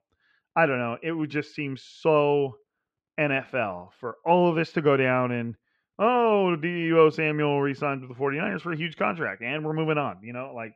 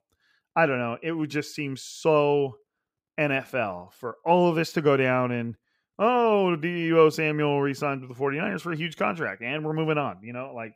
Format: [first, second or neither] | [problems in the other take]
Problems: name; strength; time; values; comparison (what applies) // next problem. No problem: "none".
second | muffled; slightly; fading above 3 kHz